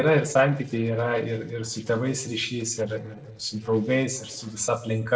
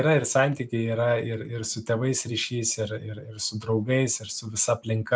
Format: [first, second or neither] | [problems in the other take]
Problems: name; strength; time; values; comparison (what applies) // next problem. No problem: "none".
second | noise reduction (neural separator model SepFormer DNS4)